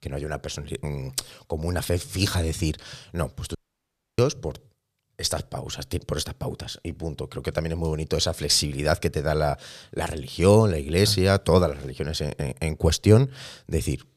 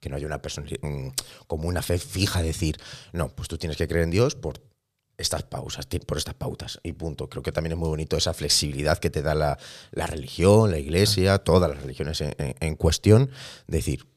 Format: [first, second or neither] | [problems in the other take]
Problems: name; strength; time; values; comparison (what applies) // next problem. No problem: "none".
second | audio cutting out; at 3.5 s for 0.5 s